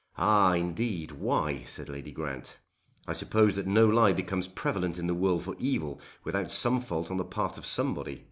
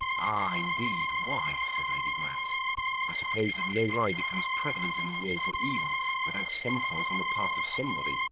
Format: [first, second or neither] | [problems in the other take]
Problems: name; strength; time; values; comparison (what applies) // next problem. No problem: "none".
first | noise reduction (neural diffusion model UNIVERSE++)